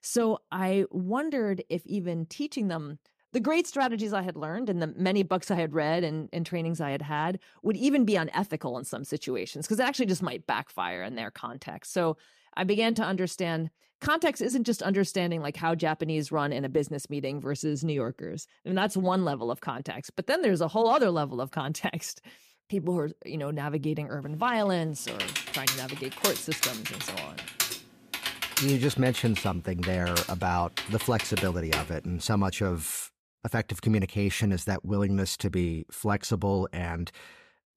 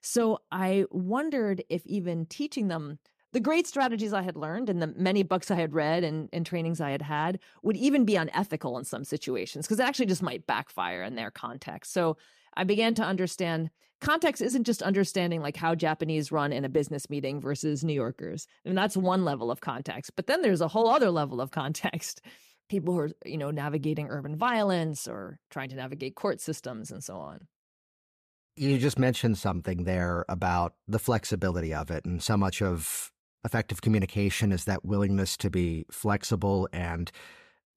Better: second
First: keyboard typing; loud; from 25 to 32 s; peak 2 dB above the speech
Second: none

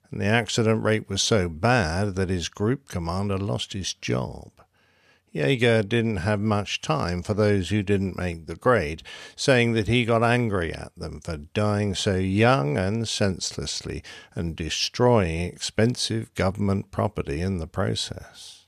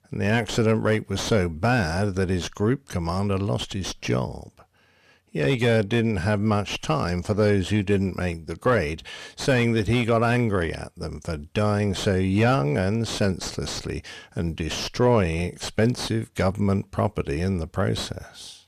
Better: first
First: none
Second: distortion; slight; 9 dB below the speech

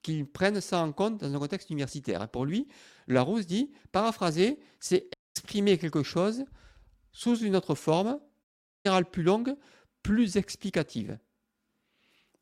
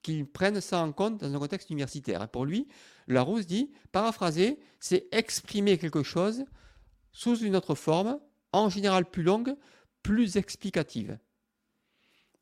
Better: second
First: audio cutting out; at 5 s and at 8.5 s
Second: none

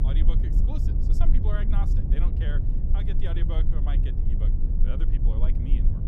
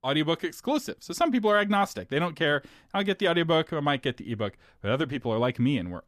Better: second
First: low rumble; loud; throughout; 1 dB below the speech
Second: none

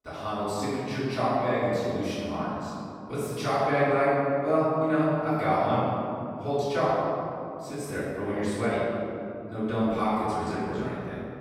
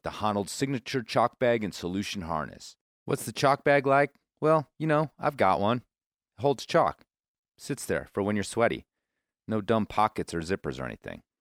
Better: second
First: off-mic speech; far // room echo; strong; dies away in 2.7 s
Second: none

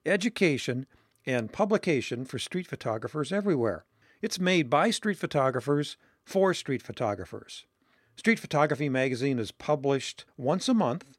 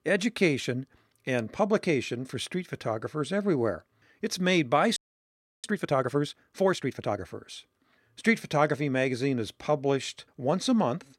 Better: first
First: none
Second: audio freezing; at 5 s for 0.5 s

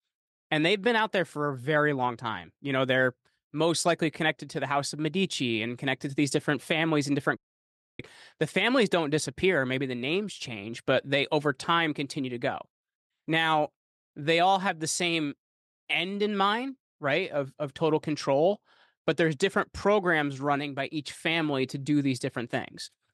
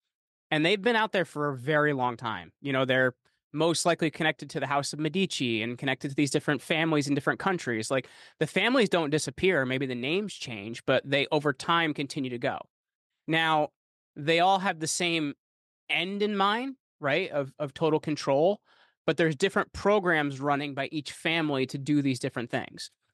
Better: second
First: audio cutting out; at 7.5 s for 0.5 s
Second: none

